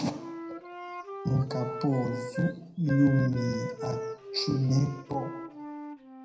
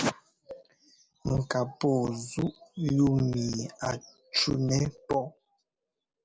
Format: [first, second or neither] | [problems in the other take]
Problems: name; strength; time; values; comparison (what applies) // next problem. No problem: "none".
second | background sound (Wind instrument, woodwind instrument); 9 dB below the speech // room echo; dies away in 0.8 s